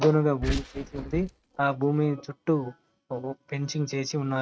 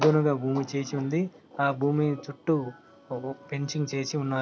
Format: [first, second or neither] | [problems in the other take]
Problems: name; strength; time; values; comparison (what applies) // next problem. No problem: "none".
second | noise reduction (neural mask model RNNoise)